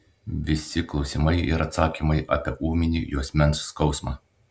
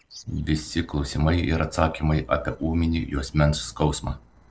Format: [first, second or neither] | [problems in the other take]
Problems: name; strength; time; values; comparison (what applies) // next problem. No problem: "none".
first | noise reduction (neural separator model SepFormer DNS4)